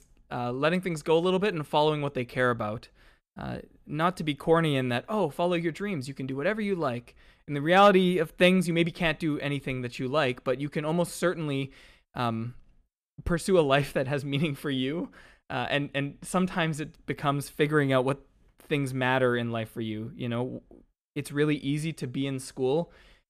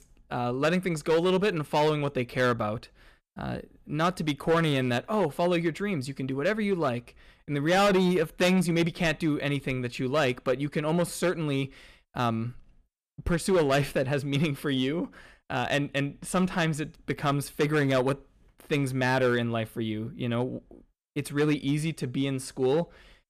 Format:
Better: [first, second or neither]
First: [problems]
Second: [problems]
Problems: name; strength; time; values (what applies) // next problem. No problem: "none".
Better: first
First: none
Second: distortion; slight; 5% of the sound clipped